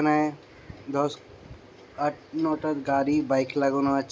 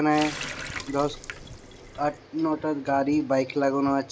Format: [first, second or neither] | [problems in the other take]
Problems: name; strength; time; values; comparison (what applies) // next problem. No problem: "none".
first | background sound (Water tap, faucet); 12 dB below the speech